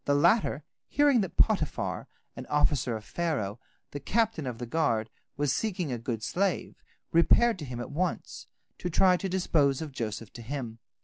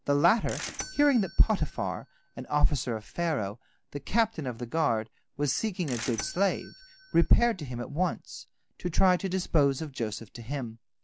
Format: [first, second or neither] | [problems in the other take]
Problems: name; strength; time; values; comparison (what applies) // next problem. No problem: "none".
first | background sound (Bell / Mechanisms); 17 dB below the speech